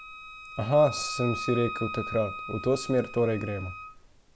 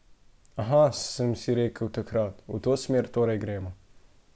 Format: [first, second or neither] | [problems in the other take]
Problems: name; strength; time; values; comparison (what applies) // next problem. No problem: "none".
second | background sound (Wind instrument, woodwind instrument); 10 dB below the speech